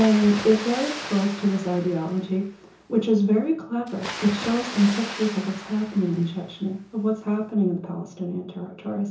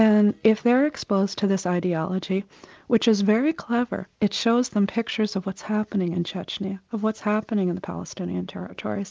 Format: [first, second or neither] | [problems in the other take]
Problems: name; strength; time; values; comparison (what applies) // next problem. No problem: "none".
second | background sound (Water); 14 dB below the speech // room echo; dies away in 0.6 s